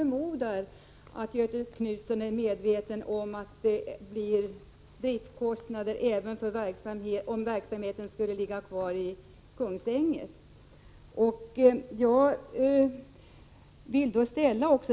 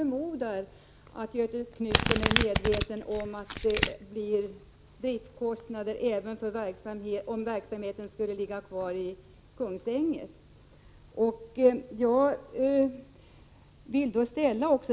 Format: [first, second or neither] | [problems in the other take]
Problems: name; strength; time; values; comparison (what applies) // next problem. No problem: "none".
first | background sound (Domestic sounds, home sounds); as loud as the speech